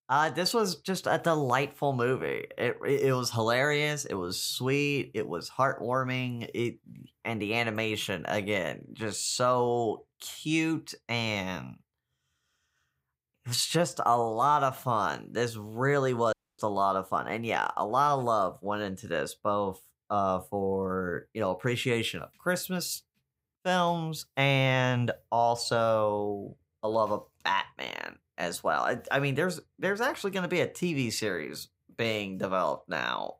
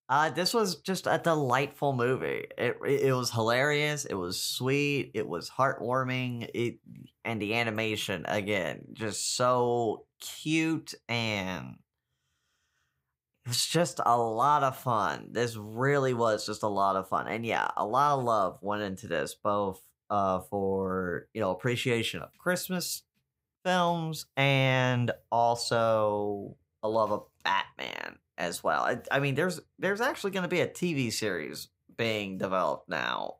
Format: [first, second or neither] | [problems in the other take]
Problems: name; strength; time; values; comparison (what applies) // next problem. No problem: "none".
second | audio cutting out; at 16 s